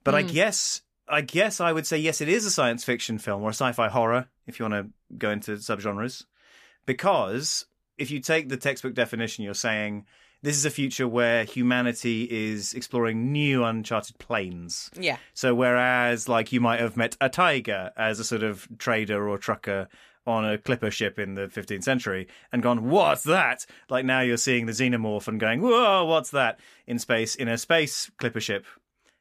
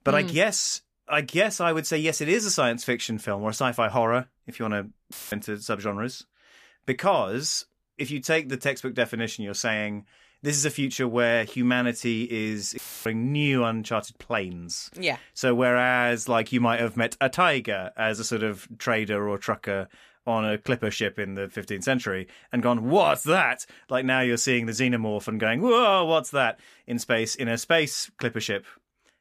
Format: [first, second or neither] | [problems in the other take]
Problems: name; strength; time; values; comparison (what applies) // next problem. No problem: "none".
first | audio cutting out; filled with static; at 5 s and at 13 s